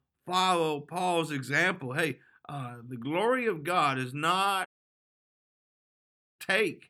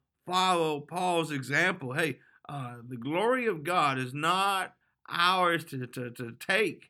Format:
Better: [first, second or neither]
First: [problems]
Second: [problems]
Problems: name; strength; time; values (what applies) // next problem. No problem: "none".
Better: second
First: audio cutting out; at 4.5 s for 1.5 s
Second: none